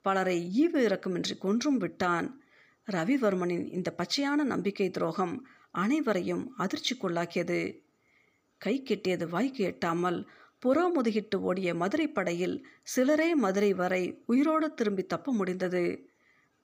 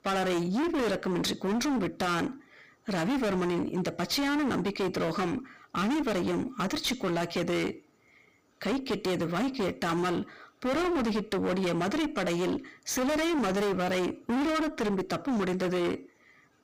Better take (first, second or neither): first